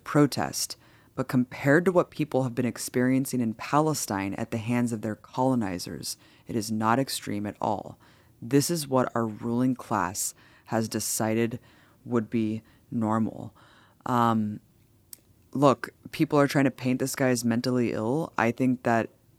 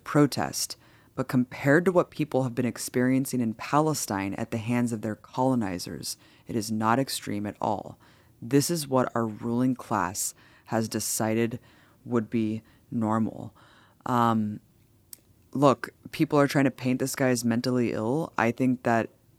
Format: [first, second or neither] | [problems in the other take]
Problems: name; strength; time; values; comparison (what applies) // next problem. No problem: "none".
neither | none